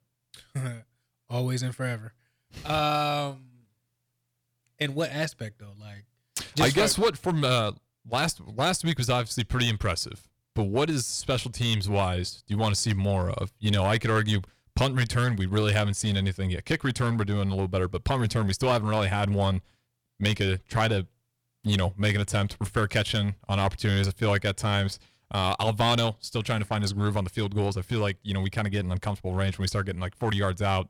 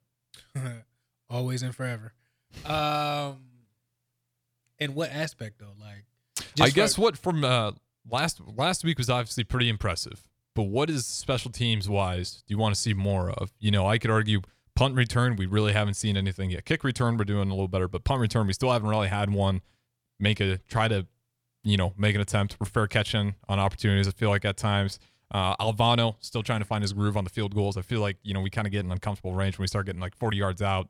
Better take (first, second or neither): second